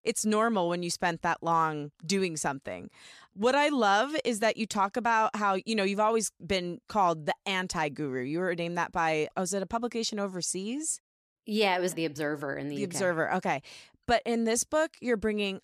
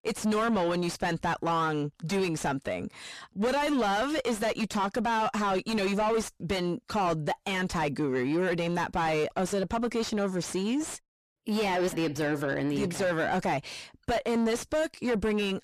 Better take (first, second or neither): first